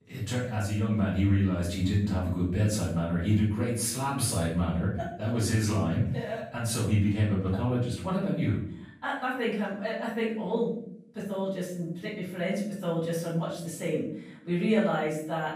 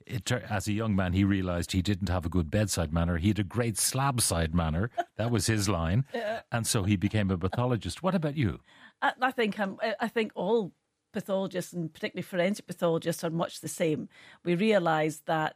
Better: second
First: room echo; noticeable; dies away in 0.6 s // off-mic speech; far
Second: none

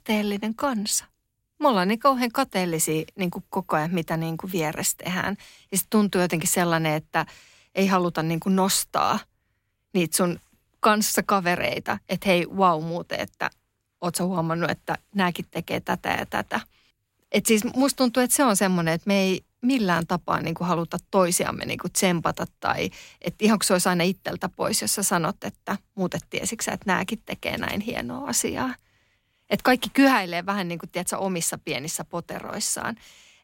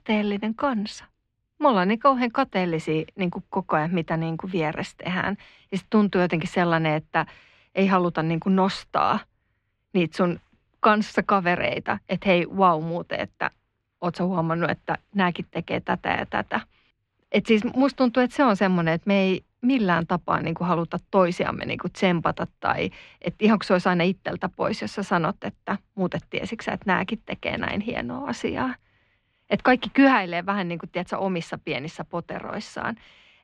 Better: first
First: none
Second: muffled; slightly; fading above 3 kHz

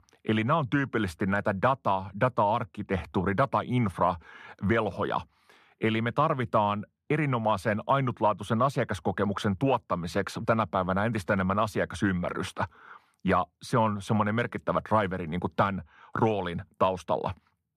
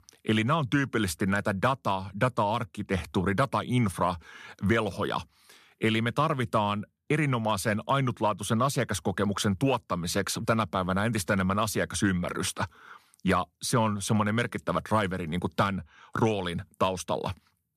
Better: second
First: muffled; slightly; fading above 4 kHz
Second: none

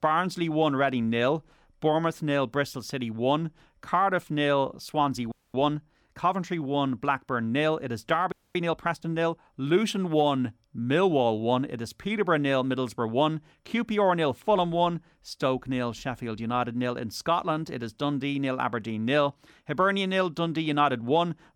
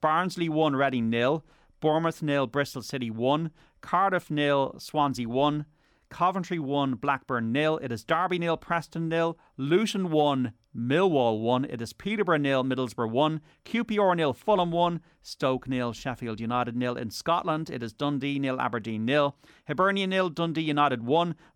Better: second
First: audio freezing; at 5.5 s and at 8.5 s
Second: none

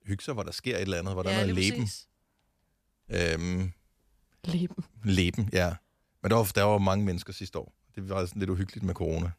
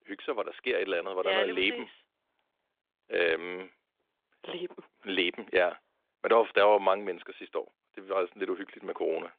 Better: first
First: none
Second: phone-call audio

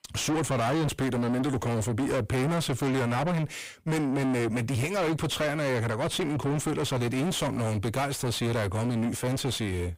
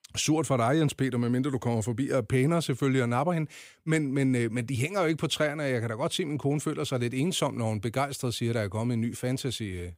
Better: second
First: distortion; heavy; 4 dB below the speech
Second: none

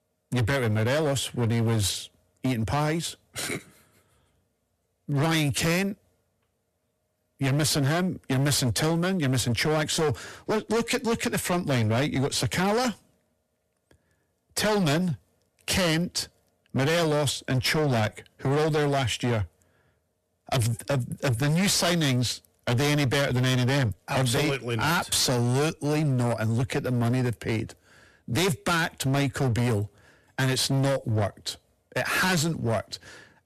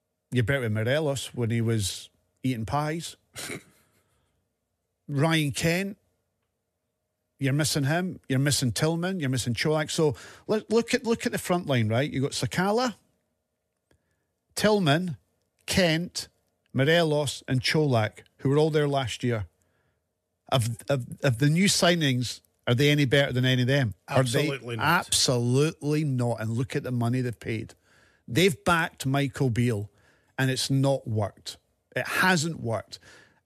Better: second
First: distortion; heavy; 21% of the sound clipped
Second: none

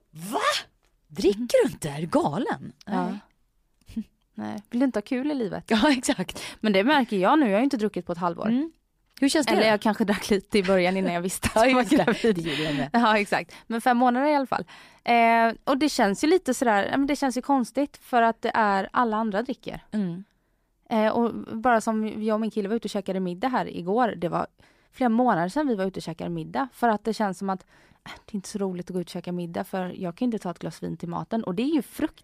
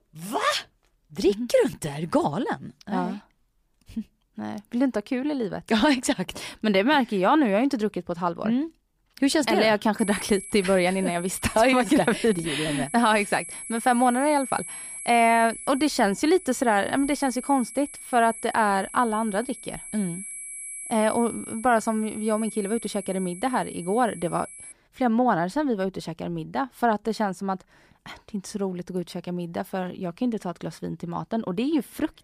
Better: first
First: none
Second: high-pitched whine; noticeable; from 10 to 25 s; 11 kHz, 10 dB below the speech

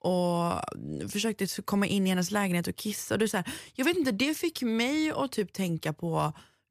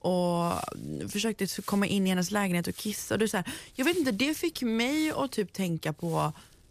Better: first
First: none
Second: wind noise on the microphone; occasional gusts; 20 dB below the speech

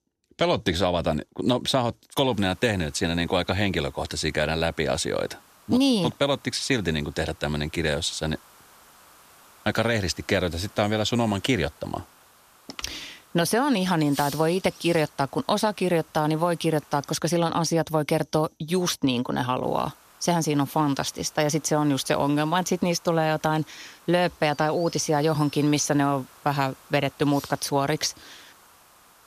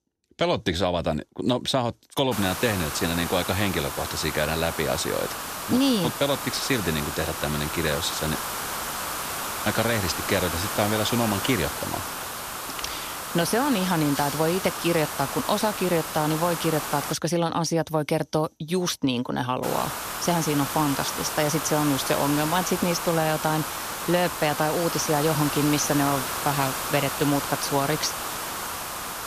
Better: first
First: hiss; faint; from 2.5 to 17 s and from 20 s on; 25 dB below the speech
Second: hiss; loud; from 2.5 to 17 s and from 20 s on; 4 dB below the speech

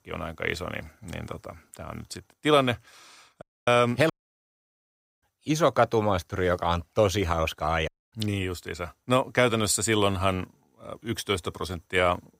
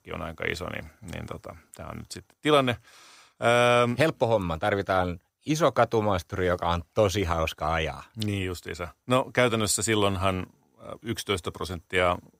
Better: second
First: audio cutting out; at 3.5 s, at 4 s for 1 s and at 8 s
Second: none

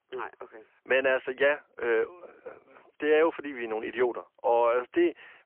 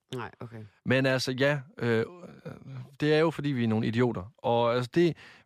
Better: second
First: phone-call audio; poor line; nothing above 3 kHz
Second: none

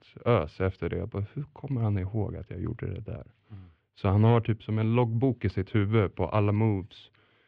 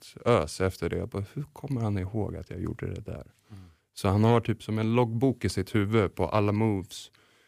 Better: second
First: muffled; slightly; fading above 3 kHz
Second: none

